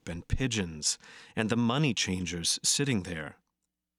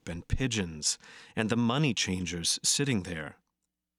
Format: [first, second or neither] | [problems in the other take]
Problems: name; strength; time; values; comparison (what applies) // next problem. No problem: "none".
neither | none